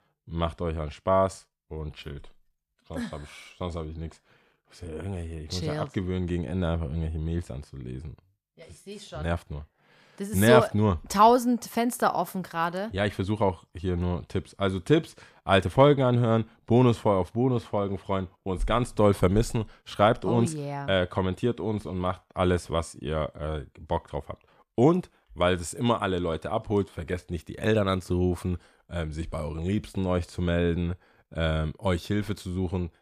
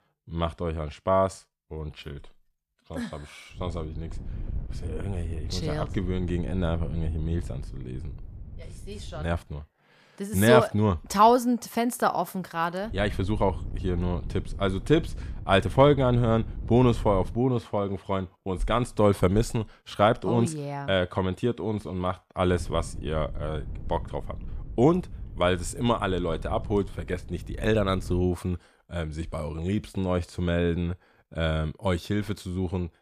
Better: first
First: none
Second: wind noise on the microphone; occasional gusts; from 3.5 to 9.5 s, from 13 to 17 s and from 23 to 28 s; 25 dB below the speech

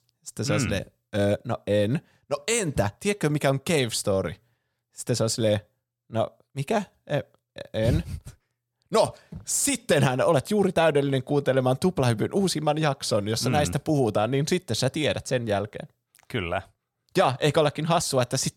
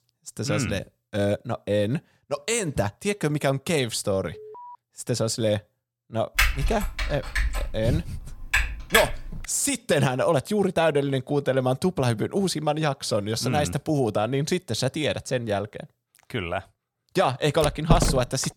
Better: first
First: none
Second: alarm; faint; at 4.5 s; peak 15 dB below the speech // keyboard typing; loud; from 6.5 to 9.5 s; peak 3 dB above the speech // door banging; loud; at 18 s; peak 2 dB above the speech

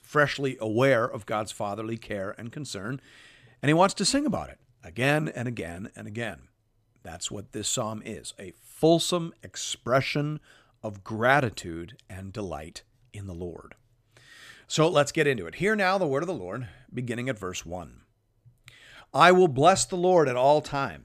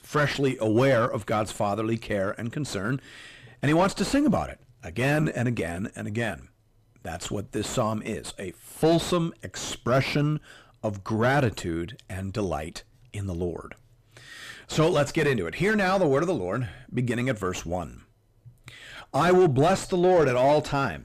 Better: first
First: none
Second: distortion; heavy; 5 dB below the speech

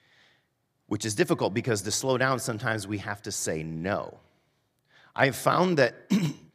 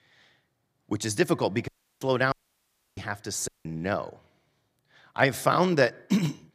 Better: first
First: none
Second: audio cutting out; at 1.5 s, at 2.5 s for 0.5 s and at 3.5 s

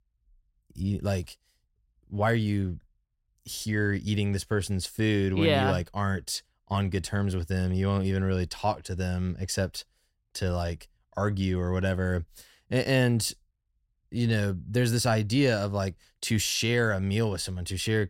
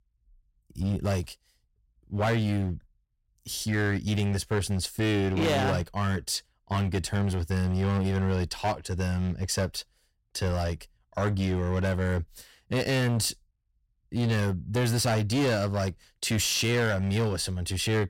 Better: first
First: none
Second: distortion; slight; 12% of the sound clipped

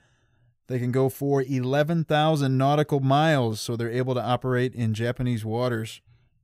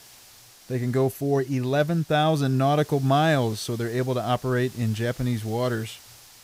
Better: first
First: none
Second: hiss; faint; throughout; 20 dB below the speech

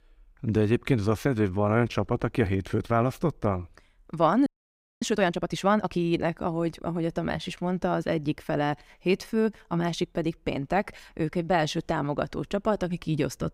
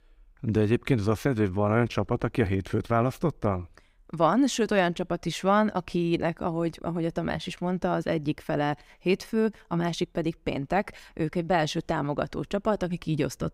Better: second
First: audio freezing; at 4.5 s for 0.5 s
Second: none

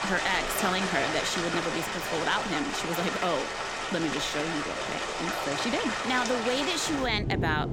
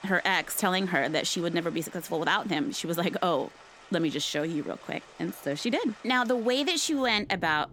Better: second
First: rain or running water; loud; throughout; as loud as the speech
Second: rain or running water; faint; throughout; 20 dB below the speech

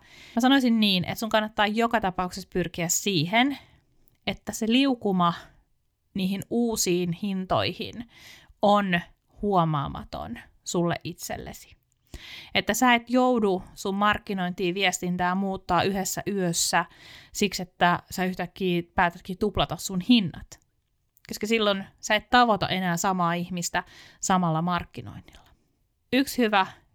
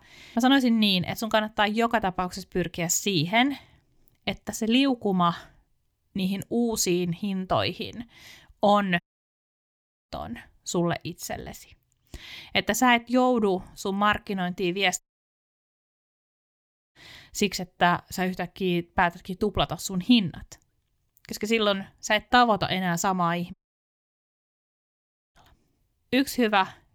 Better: first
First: none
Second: audio cutting out; at 9 s for 1 s, at 15 s for 2 s and at 24 s for 2 s

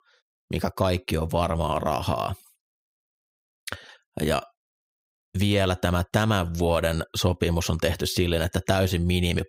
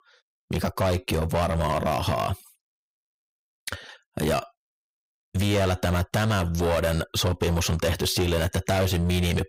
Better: first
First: none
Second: distortion; heavy; 14% of the sound clipped

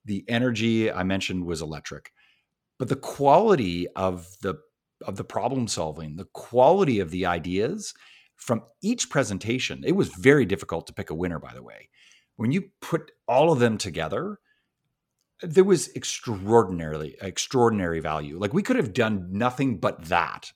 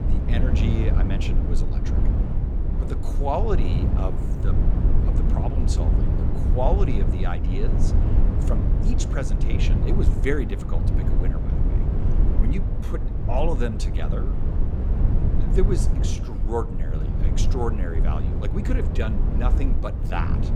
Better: first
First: none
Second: low rumble; loud; throughout; 4 dB below the speech

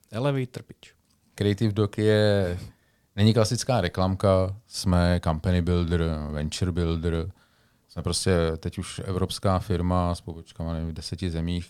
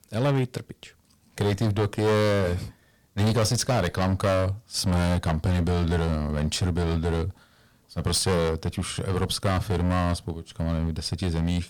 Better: first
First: none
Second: distortion; heavy; 13% of the sound clipped

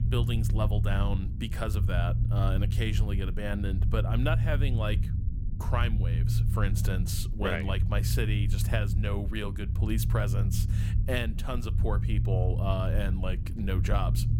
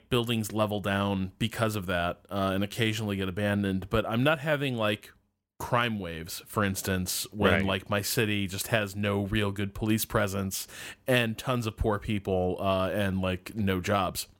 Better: second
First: low rumble; loud; throughout; 8 dB below the speech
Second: none

